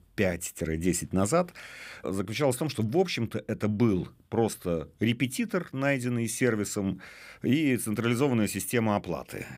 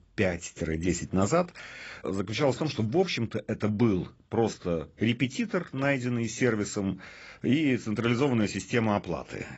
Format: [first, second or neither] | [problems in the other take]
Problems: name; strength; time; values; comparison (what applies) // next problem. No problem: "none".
first | garbled, watery; badly; nothing above 7.5 kHz